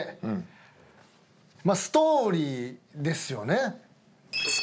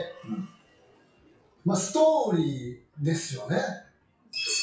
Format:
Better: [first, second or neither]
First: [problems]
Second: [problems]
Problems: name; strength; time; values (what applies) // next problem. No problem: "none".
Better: first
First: none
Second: noise reduction (classical method WPE with log-MMSE)